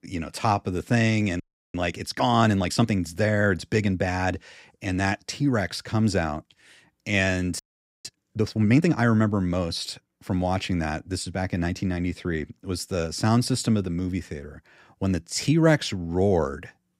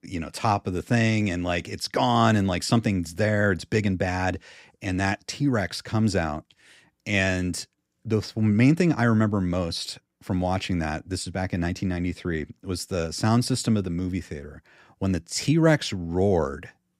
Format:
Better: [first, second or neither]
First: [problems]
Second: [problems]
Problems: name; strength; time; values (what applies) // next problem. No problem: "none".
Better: second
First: audio freezing; at 1.5 s and at 7.5 s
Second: none